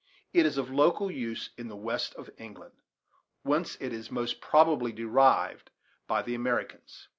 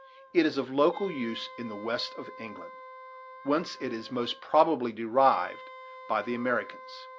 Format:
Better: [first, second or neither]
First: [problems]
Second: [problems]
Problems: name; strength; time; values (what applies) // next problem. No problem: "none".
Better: first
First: none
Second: background sound (Wind instrument, woodwind instrument); 17 dB below the speech